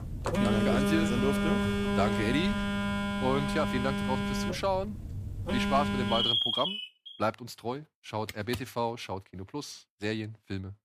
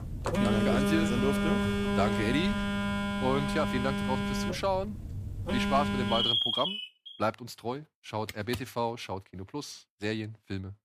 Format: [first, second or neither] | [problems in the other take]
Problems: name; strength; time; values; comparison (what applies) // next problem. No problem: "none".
neither | alarms or sirens; very loud; until 6.5 s; 3 dB above the speech; the same in both